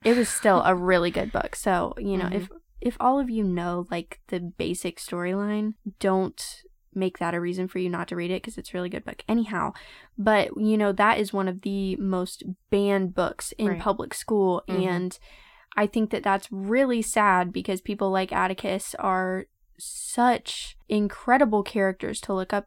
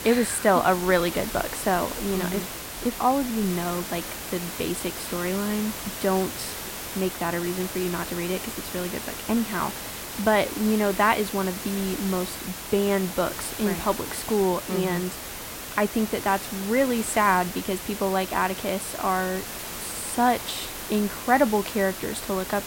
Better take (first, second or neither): first